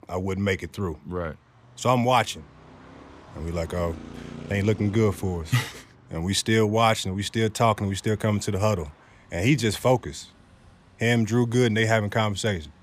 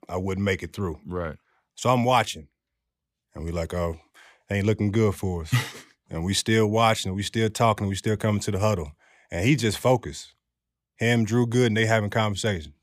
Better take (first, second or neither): second